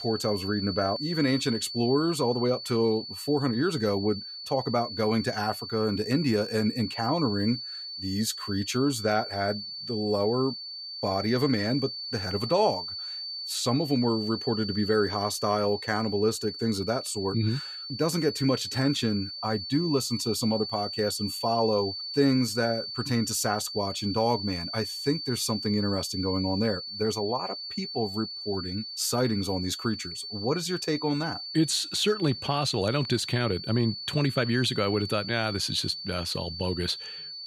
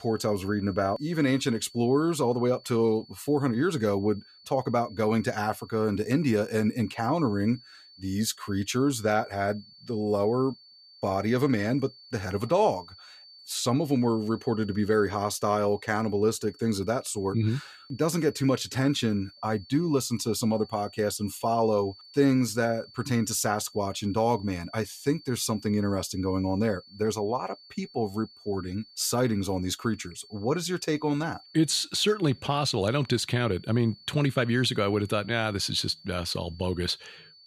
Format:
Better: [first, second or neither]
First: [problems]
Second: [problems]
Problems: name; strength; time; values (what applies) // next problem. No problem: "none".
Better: second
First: high-pitched whine; loud; throughout; 4.5 kHz, 7 dB below the speech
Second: high-pitched whine; faint; throughout; 4.5 kHz, 20 dB below the speech